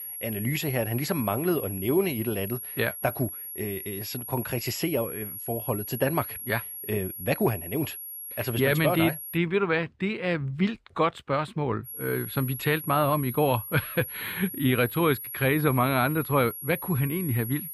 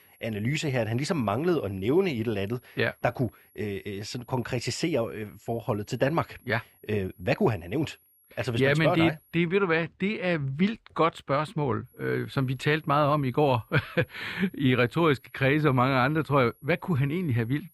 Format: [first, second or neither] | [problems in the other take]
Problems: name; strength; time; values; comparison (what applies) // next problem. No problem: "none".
second | high-pitched whine; loud; until 9.5 s and from 12 s on; 11.5 kHz, 8 dB below the speech; faint in the second